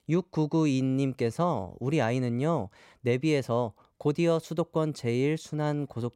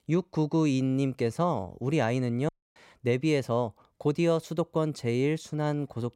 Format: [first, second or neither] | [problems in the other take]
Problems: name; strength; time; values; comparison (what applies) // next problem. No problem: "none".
first | audio cutting out; at 2.5 s